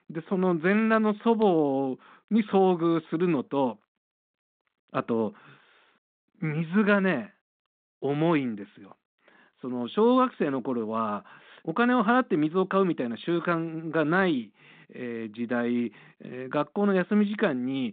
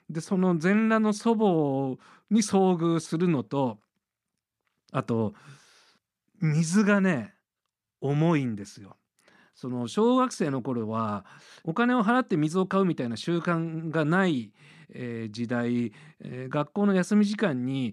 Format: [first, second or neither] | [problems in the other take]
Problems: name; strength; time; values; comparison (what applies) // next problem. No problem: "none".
second | phone-call audio; nothing above 3.5 kHz